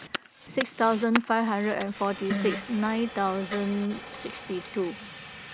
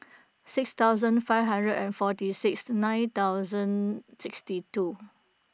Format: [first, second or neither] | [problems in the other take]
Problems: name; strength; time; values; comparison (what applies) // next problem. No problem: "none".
second | background sound (Fart + Fire); 8 dB below the speech